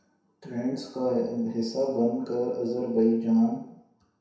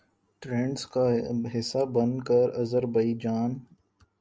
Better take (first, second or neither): second